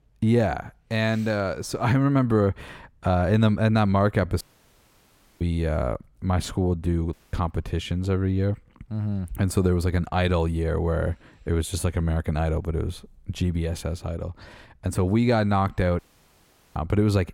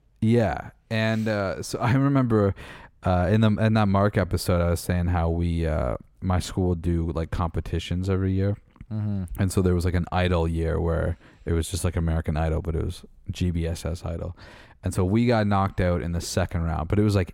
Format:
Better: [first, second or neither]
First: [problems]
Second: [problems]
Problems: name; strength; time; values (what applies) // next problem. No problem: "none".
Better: second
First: audio cutting out; at 4.5 s for 1 s, at 7 s and at 16 s for 1 s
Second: none